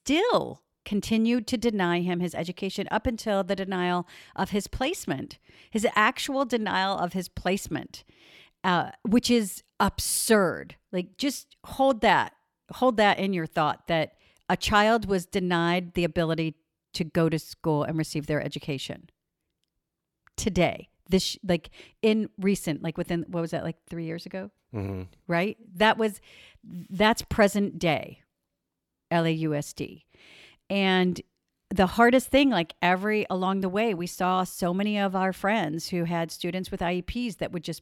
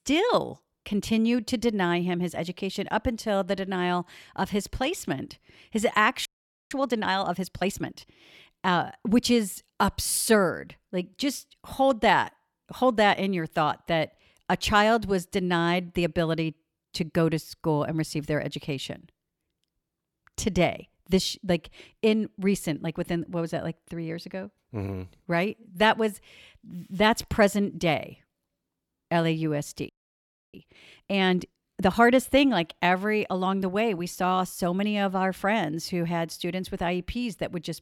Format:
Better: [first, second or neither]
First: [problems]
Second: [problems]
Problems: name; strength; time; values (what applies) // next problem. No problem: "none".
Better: first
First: none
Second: audio freezing; at 6.5 s and at 30 s for 0.5 s